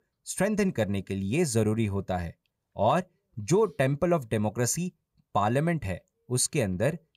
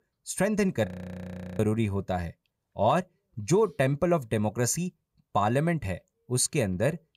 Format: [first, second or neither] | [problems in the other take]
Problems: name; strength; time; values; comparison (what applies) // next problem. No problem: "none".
first | audio freezing; at 1 s for 0.5 s